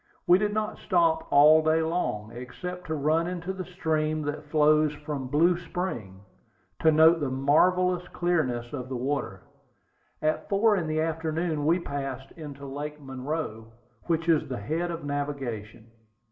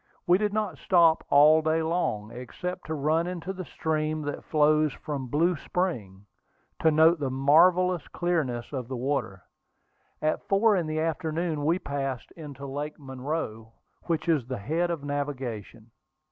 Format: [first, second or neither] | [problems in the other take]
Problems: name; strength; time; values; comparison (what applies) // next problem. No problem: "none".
second | room echo; dies away in 0.5 s